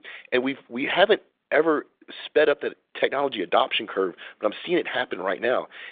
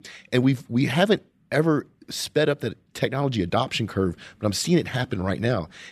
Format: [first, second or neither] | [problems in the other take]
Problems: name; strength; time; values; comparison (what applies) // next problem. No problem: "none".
second | phone-call audio; nothing above 3.5 kHz